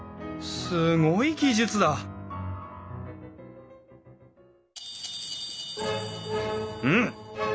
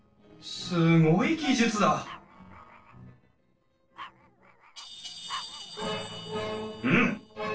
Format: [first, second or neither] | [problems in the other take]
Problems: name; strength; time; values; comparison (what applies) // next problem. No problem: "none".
first | noise reduction (neural separator model SepFormer DNS4)